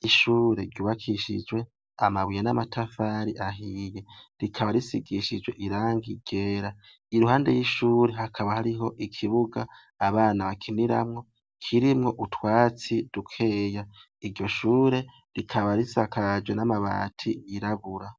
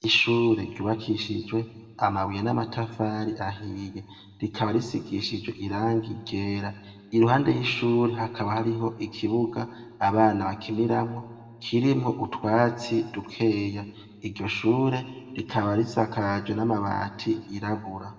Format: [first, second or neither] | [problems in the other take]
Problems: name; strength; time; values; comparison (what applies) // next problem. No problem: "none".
first | room echo; dies away in 1.3 s